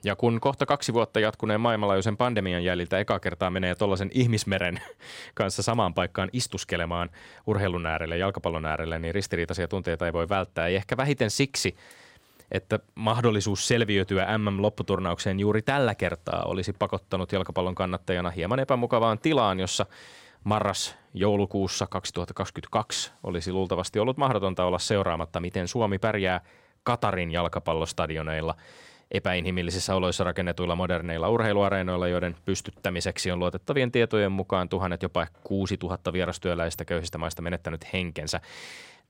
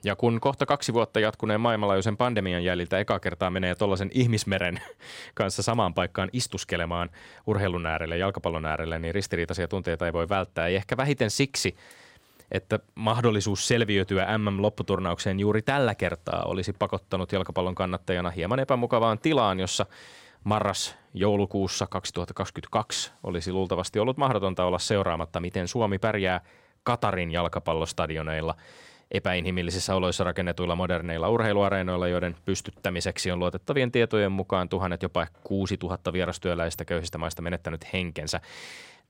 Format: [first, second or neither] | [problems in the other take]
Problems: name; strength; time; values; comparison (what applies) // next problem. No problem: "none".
neither | none